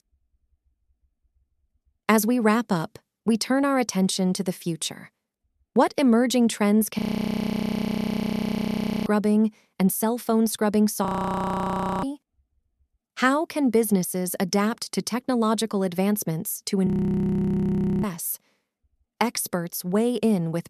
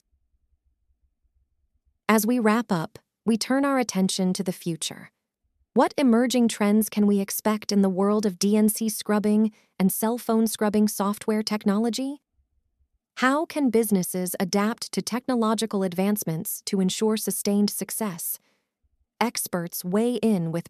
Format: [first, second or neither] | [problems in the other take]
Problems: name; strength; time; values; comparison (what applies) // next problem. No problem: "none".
second | audio freezing; at 7 s for 2 s, at 11 s for 1 s and at 17 s for 1 s